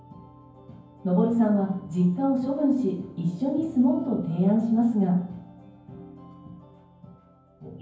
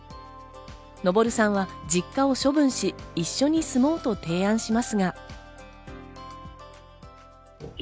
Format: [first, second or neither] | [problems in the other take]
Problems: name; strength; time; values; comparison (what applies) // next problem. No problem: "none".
second | room echo; dies away in 0.9 s